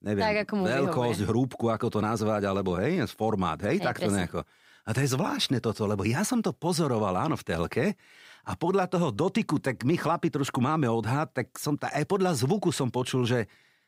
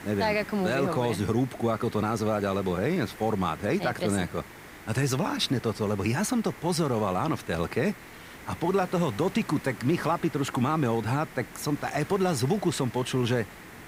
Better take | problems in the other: first | hiss; noticeable; throughout; 15 dB below the speech

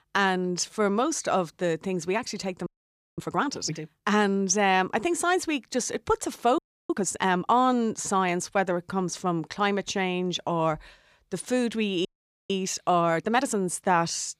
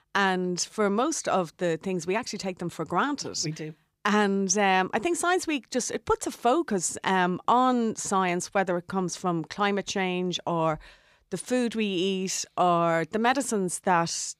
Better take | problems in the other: second | audio freezing; at 2.5 s for 0.5 s, at 6.5 s and at 12 s

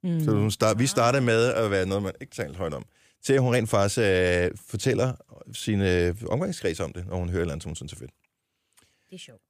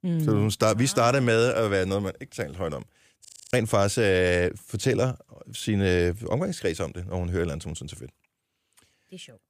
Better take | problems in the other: first | audio freezing; at 3.5 s

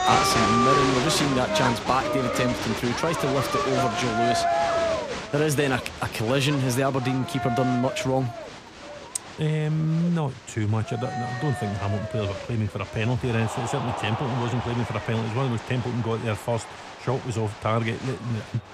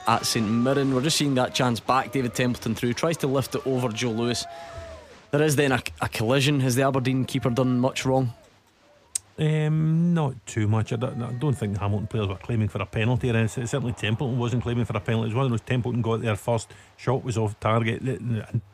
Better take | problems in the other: second | crowd noise; loud; throughout; 2 dB below the speech; faint in the second

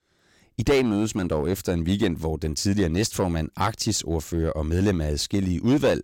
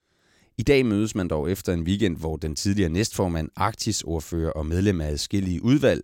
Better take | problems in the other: second | distortion; slight; 6% of the sound clipped

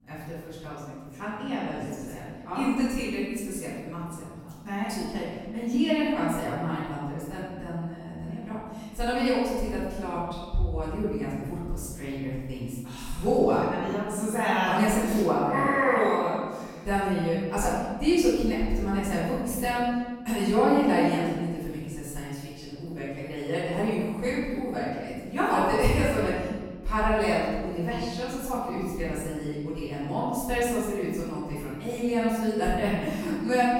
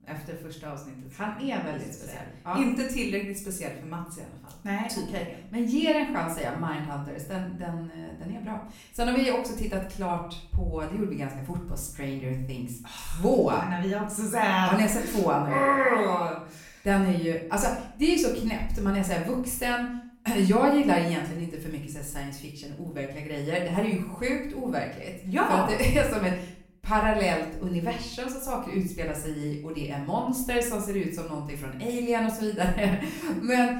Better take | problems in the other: second | room echo; strong; dies away in 1.5 s; slight in the second // off-mic speech; far; far in the second

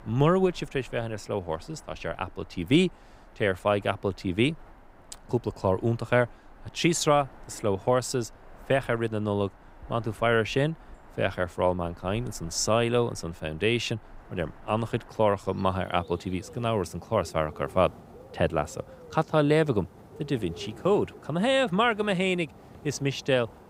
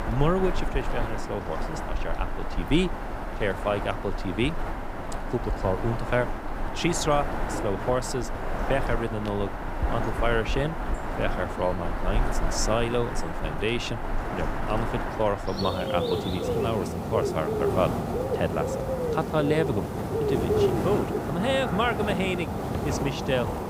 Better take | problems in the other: first | animal sounds; loud; throughout; 1 dB below the speech; faint in the first

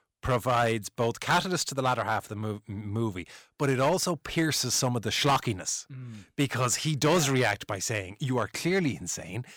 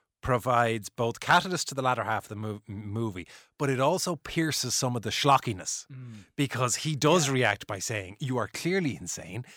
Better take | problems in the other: second | distortion; slight; 4% of the sound clipped

